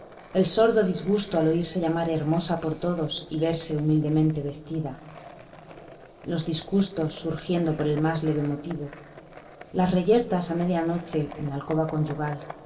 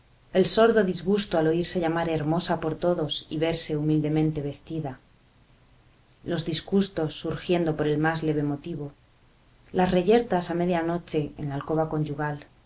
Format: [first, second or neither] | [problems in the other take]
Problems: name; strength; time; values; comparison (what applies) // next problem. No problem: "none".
second | background sound (Skateboard); 19 dB below the speech // room echo; dies away in 2.8 s